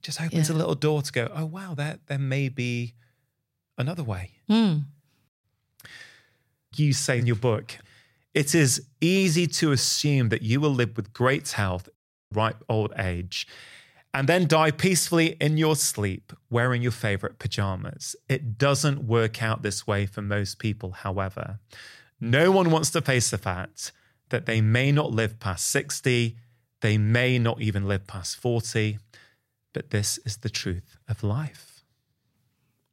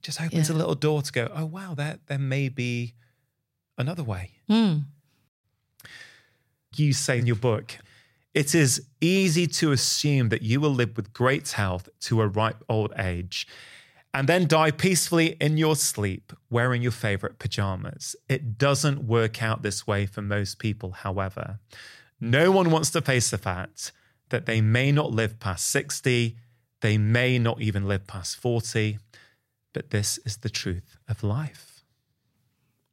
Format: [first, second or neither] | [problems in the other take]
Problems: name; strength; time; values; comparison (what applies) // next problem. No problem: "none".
second | audio cutting out; at 12 s